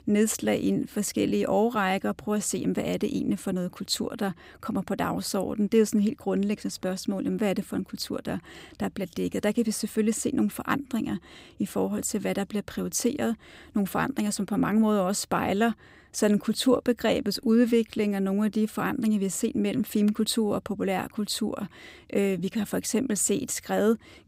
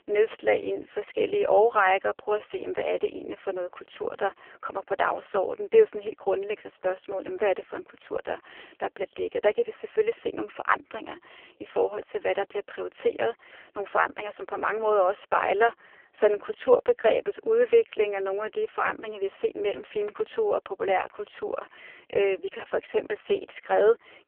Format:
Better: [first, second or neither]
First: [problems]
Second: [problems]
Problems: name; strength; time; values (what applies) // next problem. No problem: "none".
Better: first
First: none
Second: phone-call audio; poor line